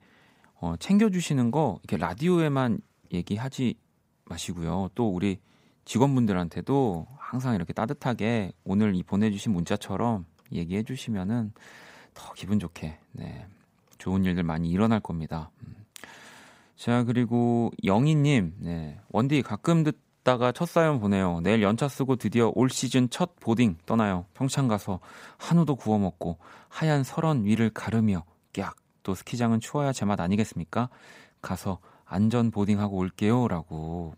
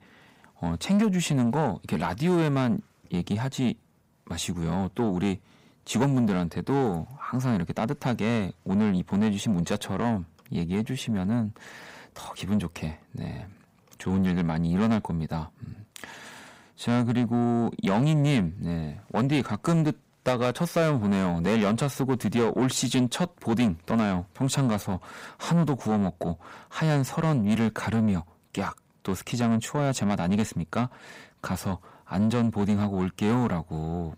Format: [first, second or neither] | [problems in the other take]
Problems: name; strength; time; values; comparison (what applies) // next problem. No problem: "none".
first | distortion; slight; 10 dB below the speech